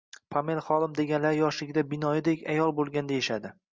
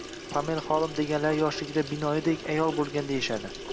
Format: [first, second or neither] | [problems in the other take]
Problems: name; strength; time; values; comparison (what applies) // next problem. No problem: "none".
first | background sound (Sink (filling or washing) / Water tap, faucet); 10 dB below the speech